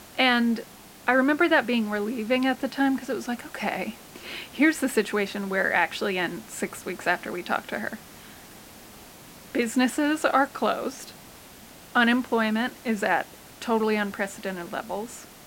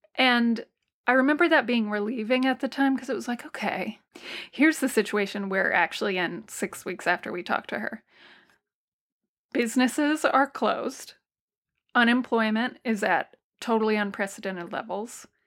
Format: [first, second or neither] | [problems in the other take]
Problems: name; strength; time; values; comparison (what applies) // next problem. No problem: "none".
second | hiss; faint; throughout; 20 dB below the speech